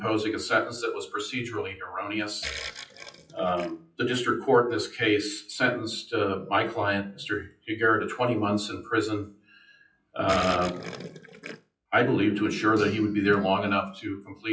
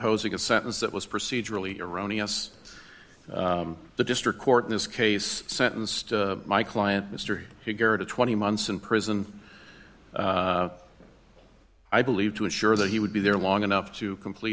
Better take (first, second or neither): second